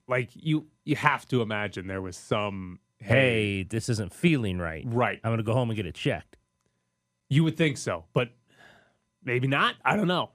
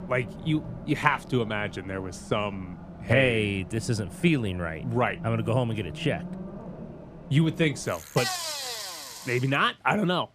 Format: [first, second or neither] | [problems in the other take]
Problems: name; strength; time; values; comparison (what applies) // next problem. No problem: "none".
first | traffic noise; noticeable; throughout; 10 dB below the speech